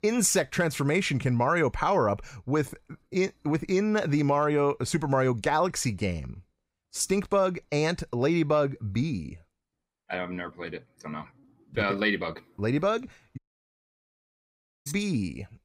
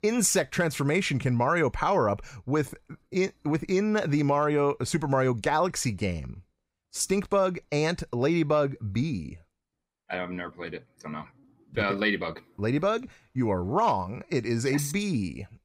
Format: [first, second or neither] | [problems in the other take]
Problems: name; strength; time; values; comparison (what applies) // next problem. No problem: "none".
second | audio cutting out; at 13 s for 1.5 s